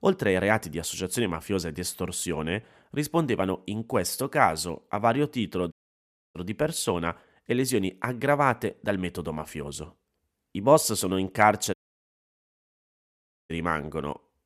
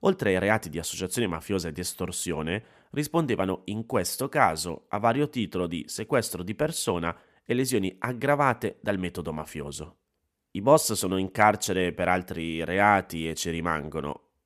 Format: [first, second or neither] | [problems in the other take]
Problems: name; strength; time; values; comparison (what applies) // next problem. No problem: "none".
second | audio cutting out; at 5.5 s for 0.5 s and at 12 s for 2 s